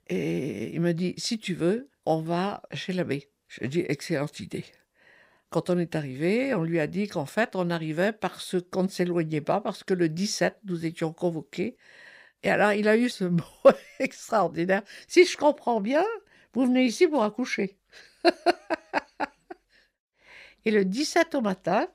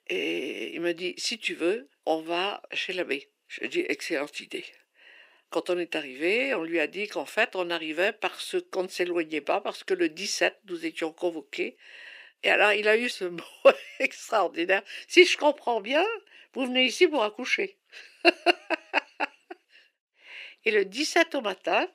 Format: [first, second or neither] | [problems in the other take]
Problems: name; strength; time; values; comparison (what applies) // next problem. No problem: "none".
first | thin; somewhat; fading below 350 Hz